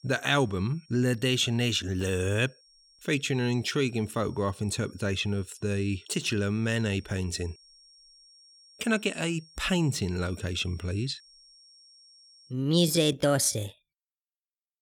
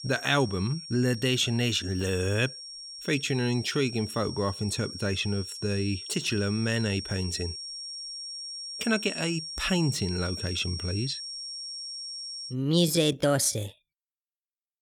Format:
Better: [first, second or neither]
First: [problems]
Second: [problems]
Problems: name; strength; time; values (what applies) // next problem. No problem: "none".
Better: first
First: high-pitched whine; faint; until 13 s; 5.5 kHz, 25 dB below the speech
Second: high-pitched whine; loud; until 13 s; 5.5 kHz, 9 dB below the speech